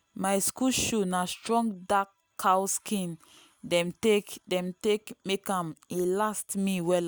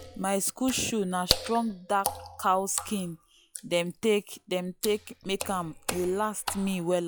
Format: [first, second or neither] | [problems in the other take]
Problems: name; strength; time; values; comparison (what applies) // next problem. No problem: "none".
first | noise reduction (classical method log-MMSE)